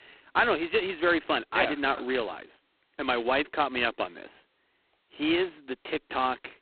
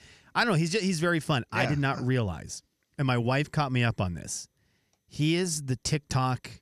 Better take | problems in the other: second | phone-call audio; poor line; nothing above 4 kHz

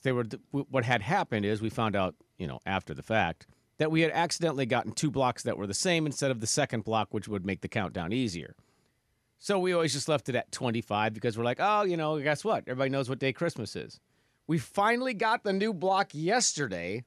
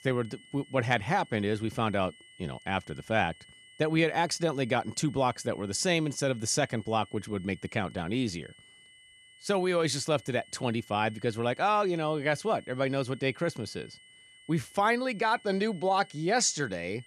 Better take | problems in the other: first | high-pitched whine; faint; throughout; 3 kHz, 25 dB below the speech

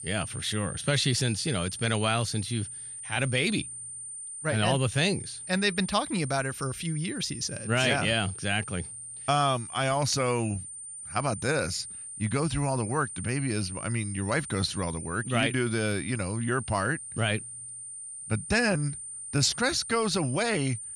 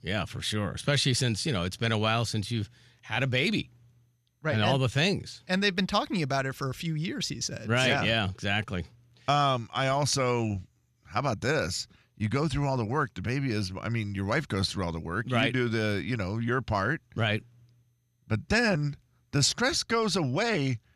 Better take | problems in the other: second | high-pitched whine; loud; throughout; 9 kHz, 9 dB below the speech

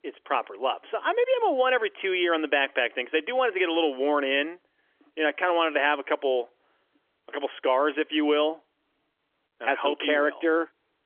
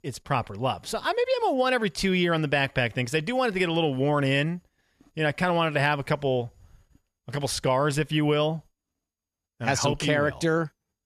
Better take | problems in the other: second | phone-call audio; nothing above 3.5 kHz

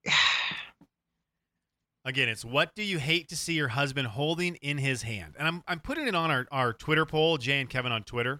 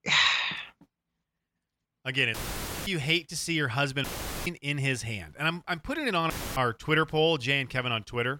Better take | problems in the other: first | audio cutting out; filled with static; at 2.5 s for 0.5 s, at 4 s and at 6.5 s

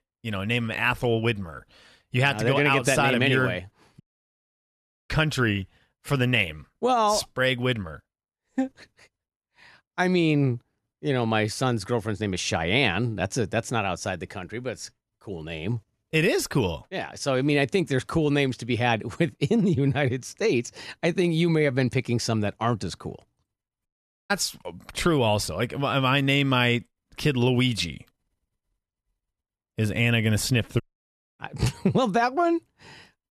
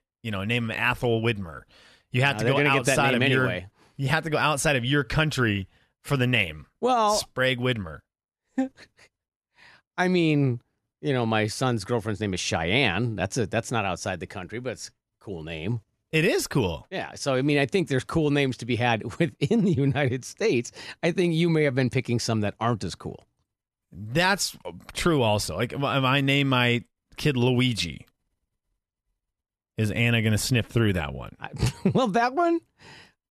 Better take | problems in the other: second | audio cutting out; at 4 s for 1 s, at 24 s and at 31 s for 0.5 s

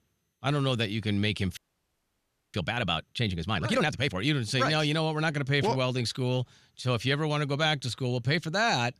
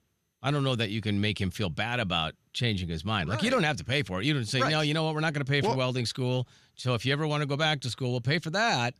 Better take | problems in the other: second | audio freezing; at 1.5 s for 1 s

